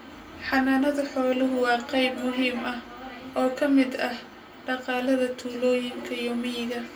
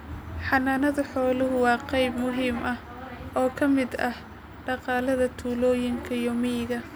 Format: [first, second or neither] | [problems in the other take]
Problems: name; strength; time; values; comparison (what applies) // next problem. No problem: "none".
second | room echo; dies away in 0.2 s